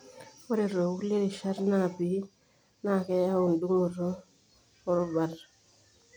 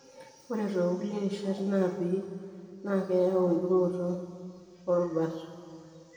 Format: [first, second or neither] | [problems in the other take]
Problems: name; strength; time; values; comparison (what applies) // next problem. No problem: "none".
first | room echo; dies away in 1.9 s